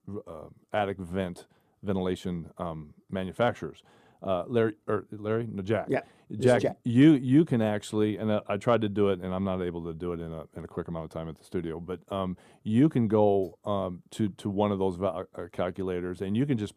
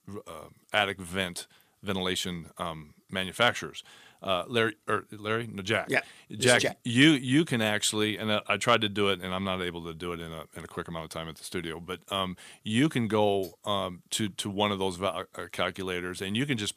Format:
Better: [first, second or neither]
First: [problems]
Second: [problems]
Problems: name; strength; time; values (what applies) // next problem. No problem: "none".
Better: second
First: muffled; slightly; fading above 1.5 kHz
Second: none